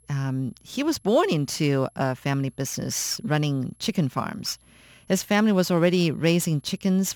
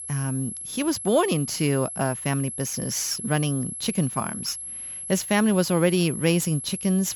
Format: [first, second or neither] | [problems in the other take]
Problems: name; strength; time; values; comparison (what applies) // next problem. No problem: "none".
first | high-pitched whine; loud; throughout; 11 kHz, 7 dB below the speech; faint in the first